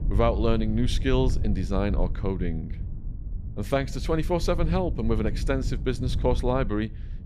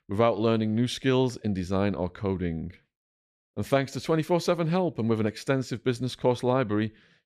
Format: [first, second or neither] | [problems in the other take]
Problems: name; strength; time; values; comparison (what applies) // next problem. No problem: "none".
second | low rumble; noticeable; throughout; 15 dB below the speech